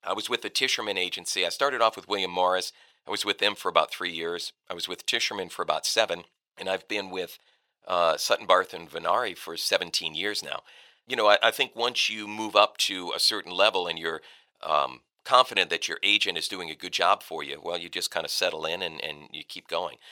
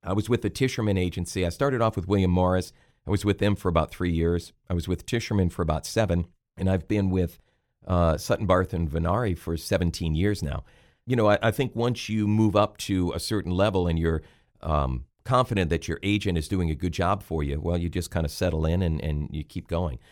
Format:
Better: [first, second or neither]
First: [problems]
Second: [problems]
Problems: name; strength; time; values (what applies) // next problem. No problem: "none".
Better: second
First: thin; very; fading below 750 Hz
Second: none